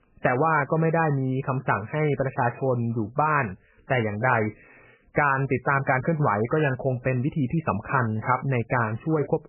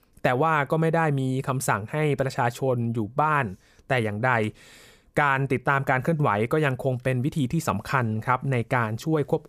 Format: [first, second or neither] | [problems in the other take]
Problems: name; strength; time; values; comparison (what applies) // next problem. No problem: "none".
second | garbled, watery; badly; nothing above 2.5 kHz